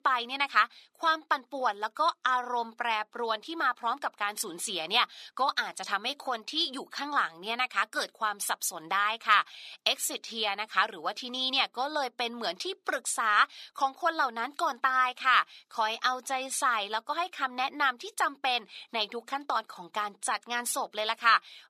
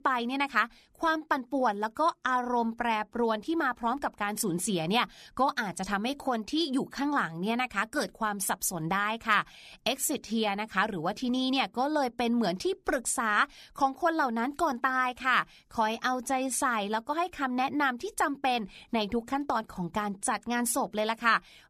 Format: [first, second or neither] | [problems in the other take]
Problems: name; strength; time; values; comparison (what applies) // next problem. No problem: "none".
second | thin; somewhat; fading below 450 Hz